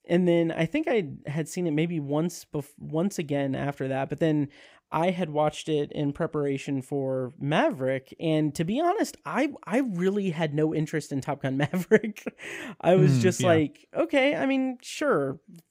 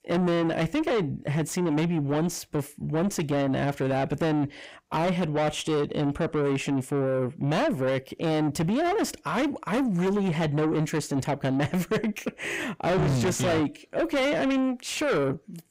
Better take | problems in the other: first | distortion; heavy; 6 dB below the speech

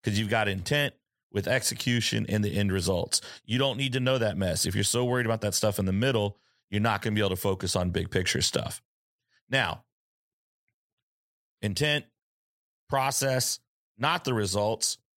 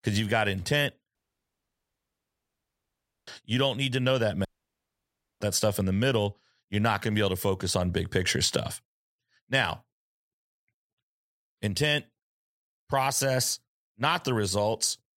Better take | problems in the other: first | audio cutting out; at 1 s for 2 s and at 4.5 s for 1 s

